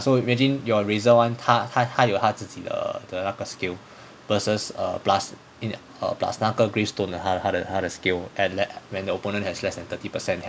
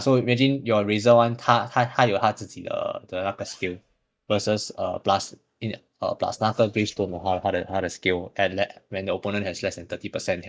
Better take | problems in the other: first | noise reduction (neural mask model DeepFilterNet 3)

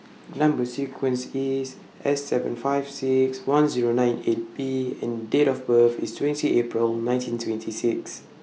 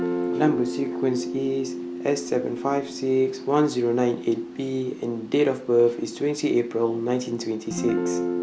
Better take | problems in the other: first | background sound (Guitar); 7 dB below the speech

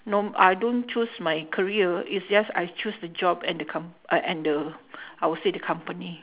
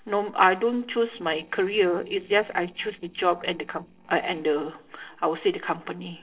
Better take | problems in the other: first | noise reduction (neural separator model SepFormer DNS4)

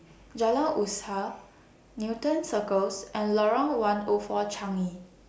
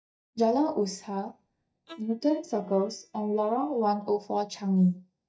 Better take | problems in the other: first | noise reduction (neural mask model DeepFilterNet 3)

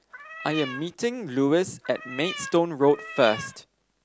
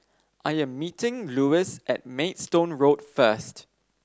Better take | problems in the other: second | background sound (Cat); 12 dB below the speech

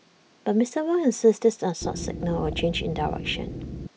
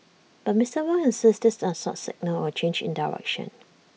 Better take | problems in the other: second | background sound (Wind instrument, woodwind instrument); 8 dB below the speech

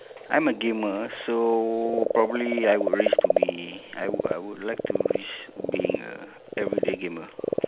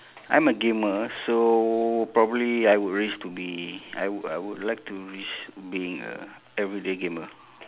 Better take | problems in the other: second | background sound (Frog); 1 dB below the speech

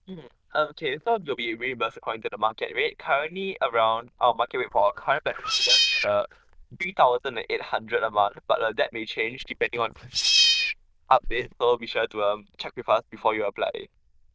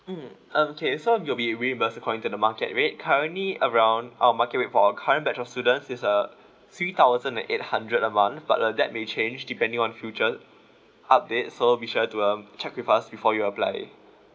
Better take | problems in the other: second | noise reduction (neural diffusion model UNIVERSE++)

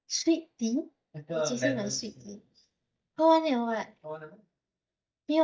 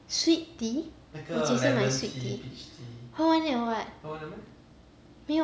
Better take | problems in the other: second | noise reduction (neural mask model DeepFilterNet 3)

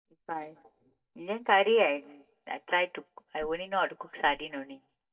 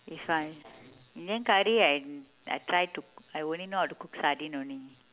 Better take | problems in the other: second | noise reduction (neural mask model DeepFilterNet 3)

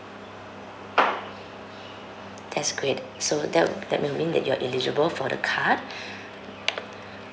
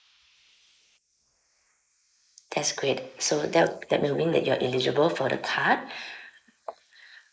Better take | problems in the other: first | noise reduction (neural mask model Resemble Enhance denoiser)

